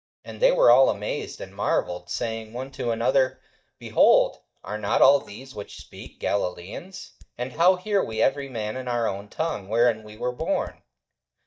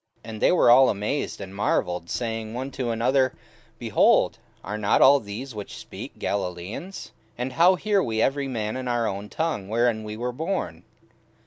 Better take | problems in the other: second | noise reduction (neural mask model DeepFilterNet 3)

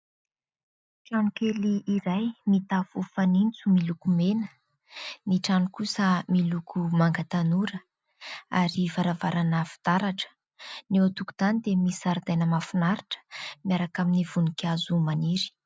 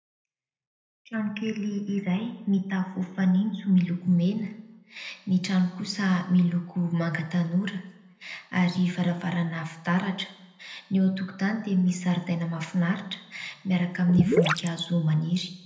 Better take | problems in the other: first | background sound (Gurgling / Liquid); as loud as the speech // room echo; dies away in 0.8 s

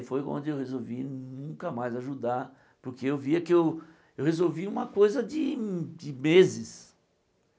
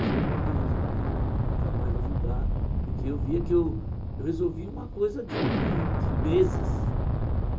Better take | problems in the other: first | background sound (Explosion); 5 dB above the speech // room echo; dies away in 0.2 s

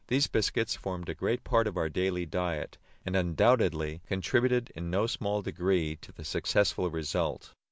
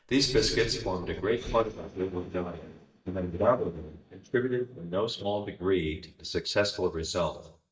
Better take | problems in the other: first | noise reduction (neural mask model DeepFilterNet 3)

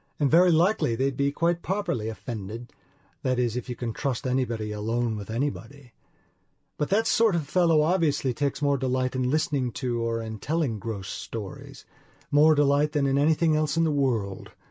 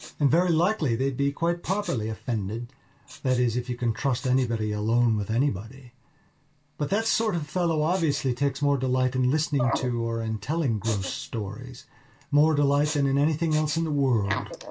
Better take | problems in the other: first | background sound (Respiratory sounds); 16 dB below the speech // room echo; dies away in 0.2 s

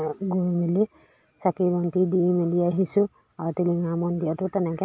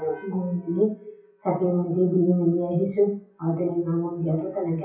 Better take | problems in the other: first | noise reduction (classical method WPE with log-MMSE)

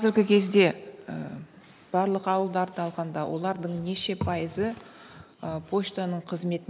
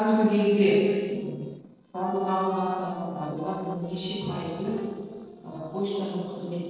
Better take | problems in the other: first | noise reduction (neural separator model SepFormer DNS4)

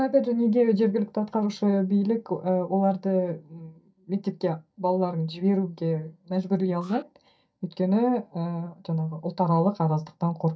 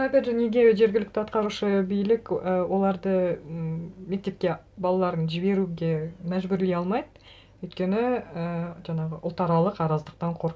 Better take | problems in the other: second | noise reduction (neural mask model DeepFilterNet 3)

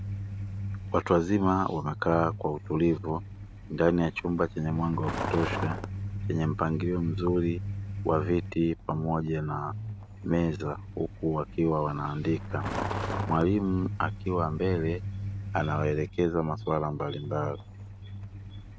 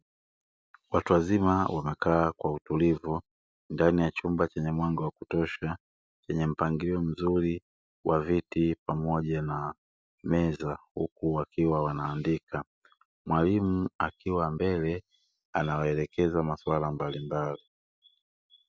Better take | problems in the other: second | background sound (Truck); 7 dB below the speech

